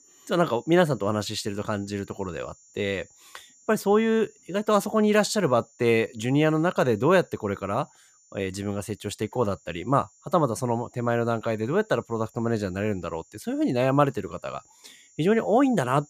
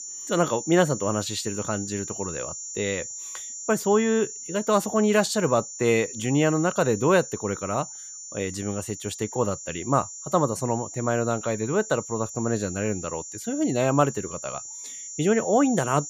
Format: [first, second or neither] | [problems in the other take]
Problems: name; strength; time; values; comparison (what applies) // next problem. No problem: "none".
first | high-pitched whine; loud; throughout; 7 kHz, 10 dB below the speech; faint in the first